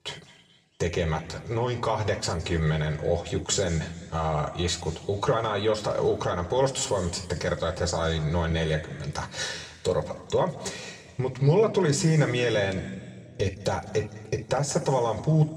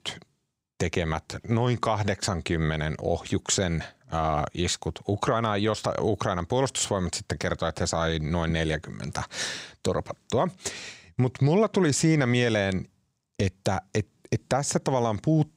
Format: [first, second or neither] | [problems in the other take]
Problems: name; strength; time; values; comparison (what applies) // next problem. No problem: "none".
second | room echo; slight; dies away in 1.7 s